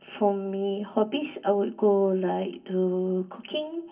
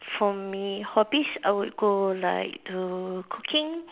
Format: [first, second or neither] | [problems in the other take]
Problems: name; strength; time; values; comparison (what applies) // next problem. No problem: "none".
second | room echo; dies away in 0.3 s